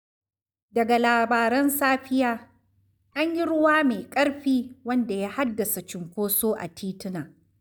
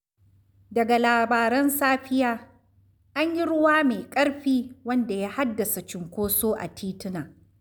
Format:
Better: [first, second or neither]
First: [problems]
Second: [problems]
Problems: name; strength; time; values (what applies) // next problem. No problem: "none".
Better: second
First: noise reduction (neural mask model DeepFilterNet 3)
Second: none